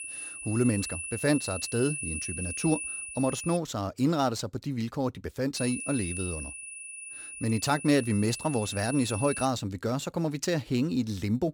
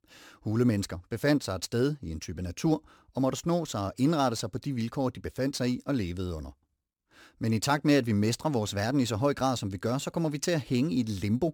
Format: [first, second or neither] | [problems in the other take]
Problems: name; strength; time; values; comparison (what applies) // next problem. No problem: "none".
second | high-pitched whine; loud; until 3.5 s and from 5.5 to 9.5 s; 2.5 kHz, 7 dB below the speech